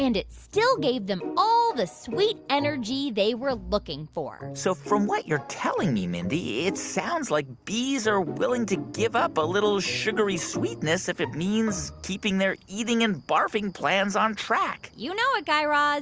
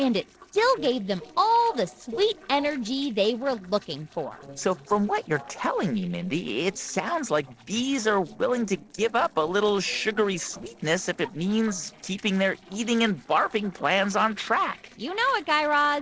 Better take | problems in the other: first | noise reduction (neural separator model SepFormer DNS4)

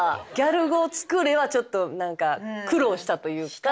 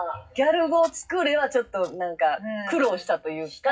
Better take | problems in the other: first | noise reduction (classical method WPE with log-MMSE)

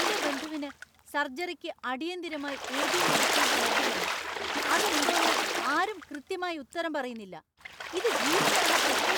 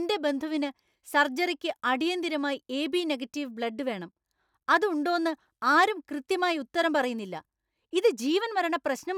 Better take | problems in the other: second | background sound (Water / Splash, splatter); 4 dB above the speech

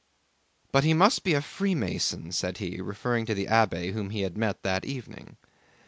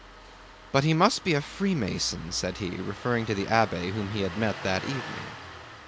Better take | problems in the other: first | background sound (Engine starting); 13 dB below the speech

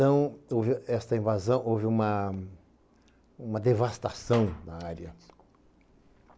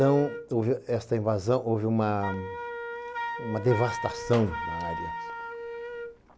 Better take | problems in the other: first | background sound (Wind instrument, woodwind instrument); 9 dB below the speech

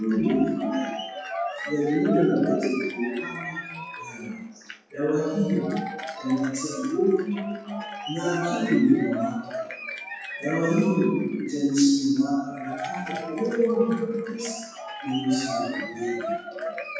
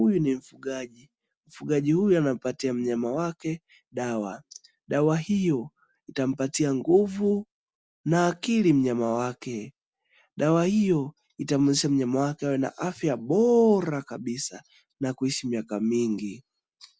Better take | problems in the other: second | noise reduction (classical method WPE with log-MMSE)

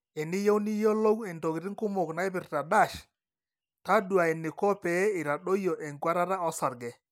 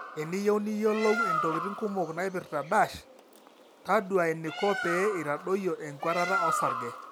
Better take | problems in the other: first | background sound (Bird); 6 dB below the speech

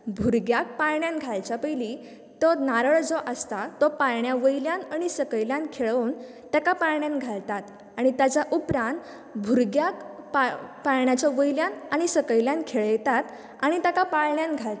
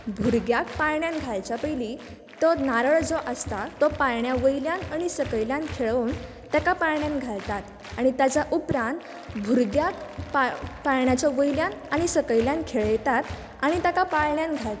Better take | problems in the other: first | background sound (Applause); 15 dB below the speech

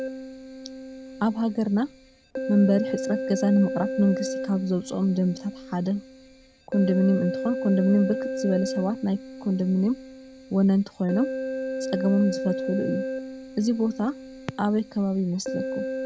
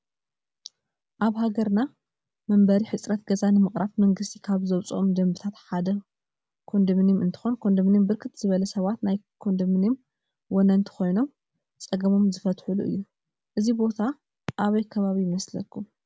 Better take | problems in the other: second | background sound (Keyboard (musical)); 7 dB below the speech

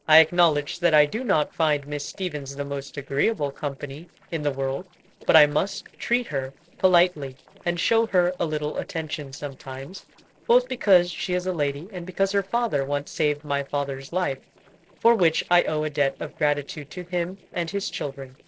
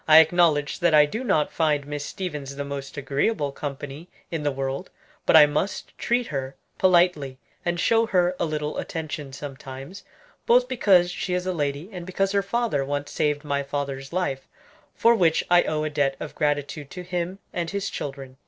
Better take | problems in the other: second | noise reduction (neural separator model SepFormer DNS4)

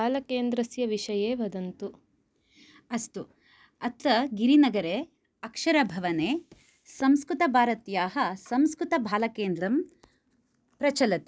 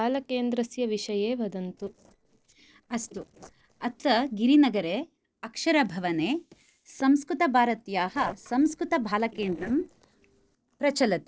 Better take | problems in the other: first | noise reduction (neural separator model SepFormer DNS4)

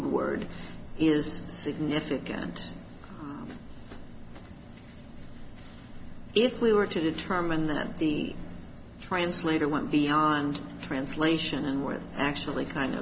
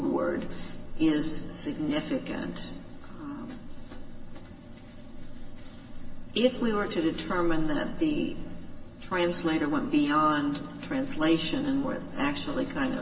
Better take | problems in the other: first | room echo; dies away in 1.3 s

